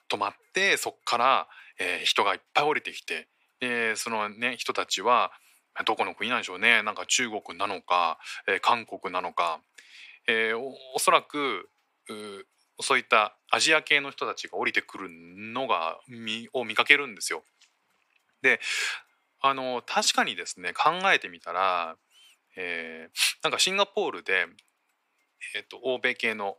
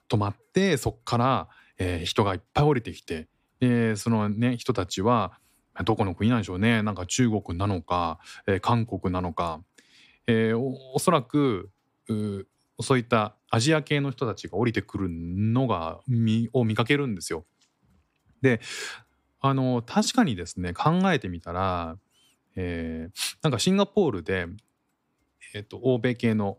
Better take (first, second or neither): second